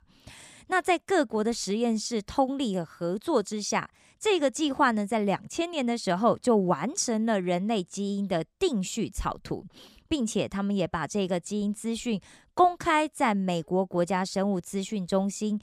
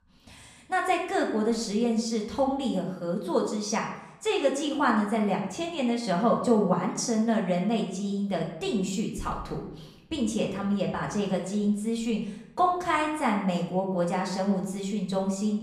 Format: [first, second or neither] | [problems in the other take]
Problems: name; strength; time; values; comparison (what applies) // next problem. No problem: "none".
first | room echo; slight; dies away in 0.7 s // off-mic speech; far